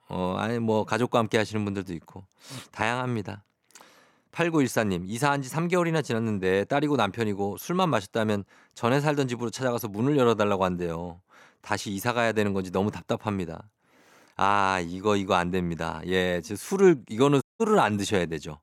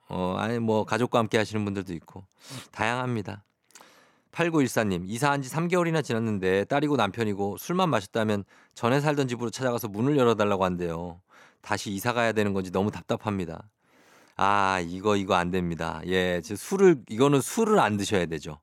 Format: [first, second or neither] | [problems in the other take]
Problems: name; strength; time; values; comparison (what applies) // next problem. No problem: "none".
second | audio cutting out; at 17 s